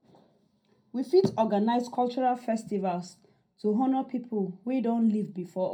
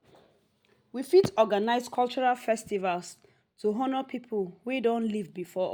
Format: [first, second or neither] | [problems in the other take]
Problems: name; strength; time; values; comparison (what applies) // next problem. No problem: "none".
second | room echo; dies away in 0.2 s